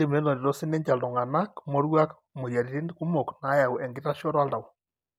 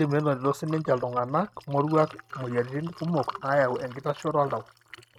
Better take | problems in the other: first | noise reduction (neural mask model RNNoise)

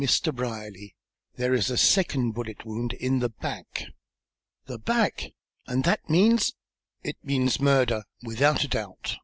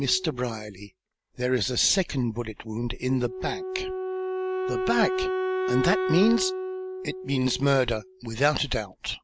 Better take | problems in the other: first | background sound (Wind instrument, woodwind instrument); 4 dB below the speech

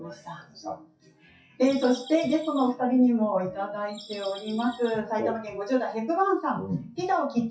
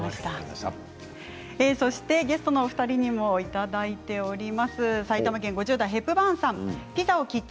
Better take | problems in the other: second | noise reduction (classical method WPE with log-MMSE)

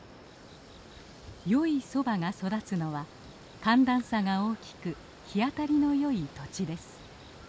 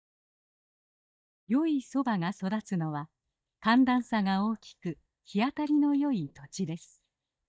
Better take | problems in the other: first | noise reduction (neural mask model DeepFilterNet 3)

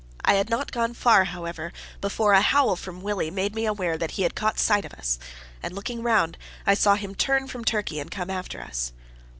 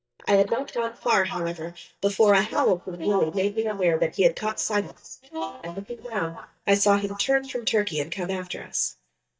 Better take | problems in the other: first | noise reduction (neural mask model DeepFilterNet 3)

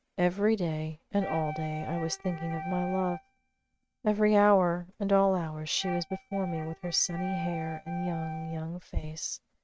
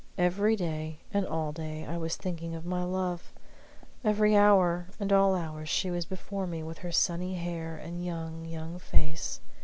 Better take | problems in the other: second | noise reduction (neural mask model RNNoise)

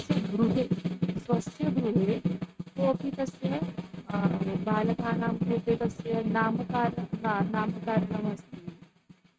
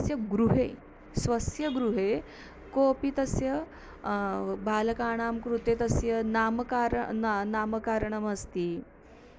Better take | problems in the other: second | noise reduction (neural mask model RNNoise)

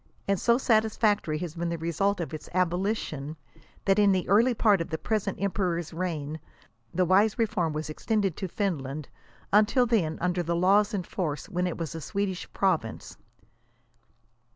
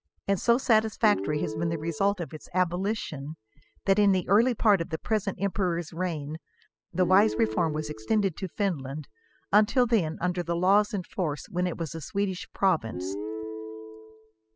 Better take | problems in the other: first | noise reduction (classical method spectral subtraction)

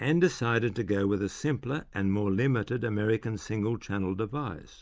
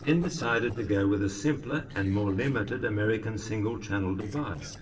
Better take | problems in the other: first | noise reduction (neural separator model SepFormer DNS4)

